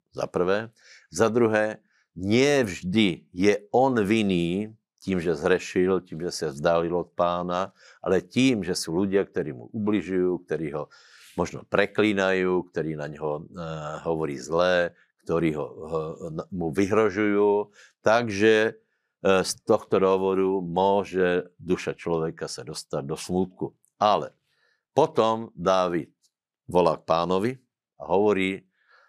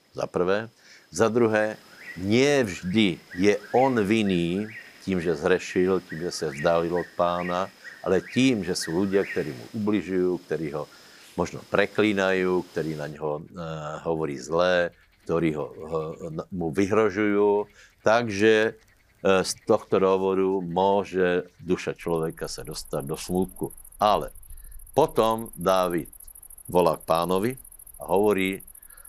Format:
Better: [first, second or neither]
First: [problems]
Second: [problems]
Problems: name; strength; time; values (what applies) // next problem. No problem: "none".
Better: first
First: none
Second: animal sounds; noticeable; throughout; 20 dB below the speech